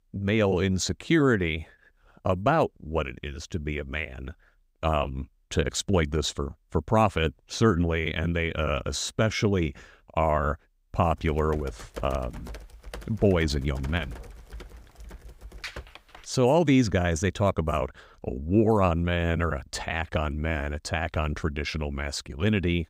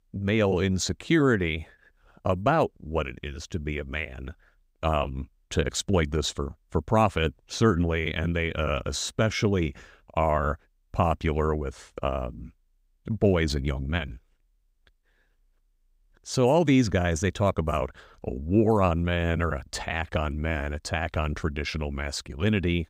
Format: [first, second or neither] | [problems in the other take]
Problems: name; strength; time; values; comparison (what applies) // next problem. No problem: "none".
second | keyboard typing; faint; from 11 to 16 s; peak 10 dB below the speech